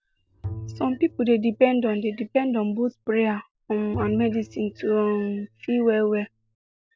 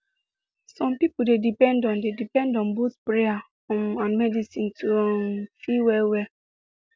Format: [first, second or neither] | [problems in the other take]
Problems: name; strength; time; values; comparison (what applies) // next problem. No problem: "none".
second | background sound (Bowed string instrument); 16 dB below the speech